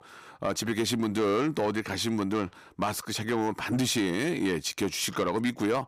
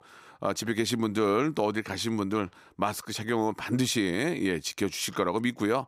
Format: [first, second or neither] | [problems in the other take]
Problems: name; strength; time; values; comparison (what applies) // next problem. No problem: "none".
second | distortion; slight; 10 dB below the speech